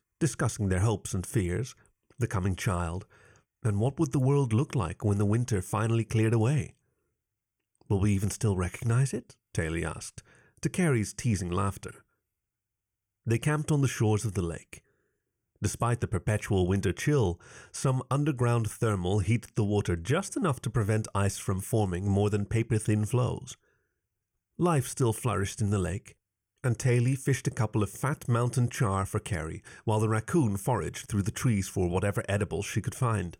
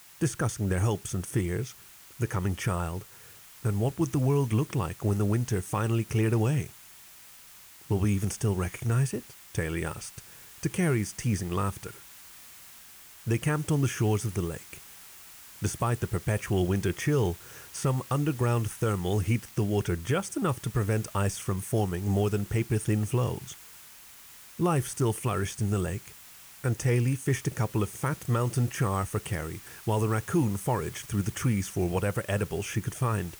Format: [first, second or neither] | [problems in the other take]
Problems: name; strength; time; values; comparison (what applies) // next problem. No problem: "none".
first | hiss; noticeable; throughout; 20 dB below the speech